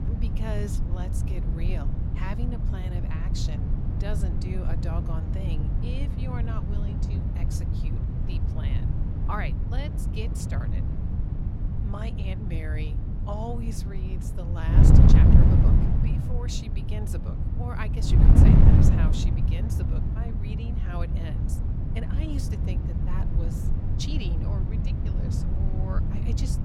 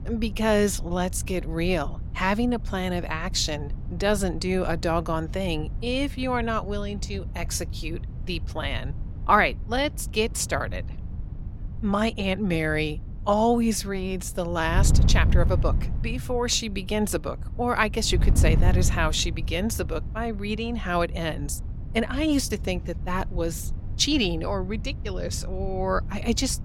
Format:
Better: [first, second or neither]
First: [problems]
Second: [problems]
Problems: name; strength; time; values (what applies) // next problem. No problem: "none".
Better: second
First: wind noise on the microphone; heavy; 3 dB above the speech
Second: wind noise on the microphone; occasional gusts; 20 dB below the speech